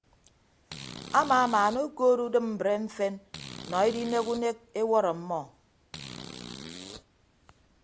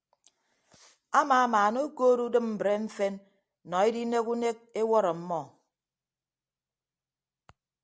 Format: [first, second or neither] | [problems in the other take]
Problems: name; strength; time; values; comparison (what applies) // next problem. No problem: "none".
second | background sound (Fart); 16 dB below the speech